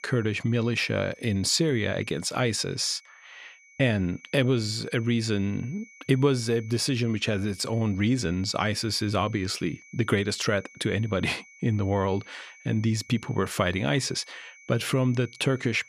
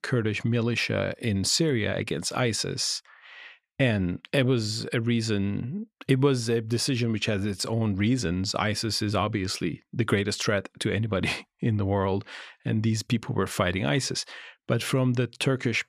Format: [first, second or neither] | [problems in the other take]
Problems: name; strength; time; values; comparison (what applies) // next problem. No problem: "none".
second | high-pitched whine; faint; throughout; 2.5 kHz, 25 dB below the speech